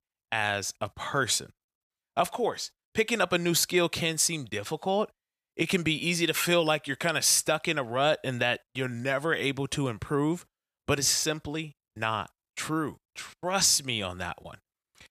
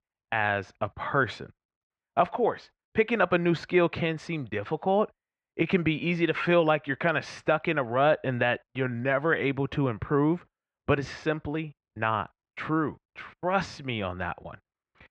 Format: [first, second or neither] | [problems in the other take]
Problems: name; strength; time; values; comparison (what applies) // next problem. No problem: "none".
first | muffled; very; fading above 2 kHz